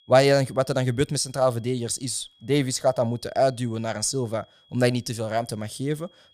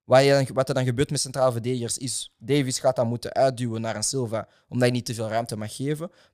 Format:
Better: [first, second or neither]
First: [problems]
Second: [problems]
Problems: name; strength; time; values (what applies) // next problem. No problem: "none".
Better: second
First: high-pitched whine; faint; throughout; 3.5 kHz, 30 dB below the speech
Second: none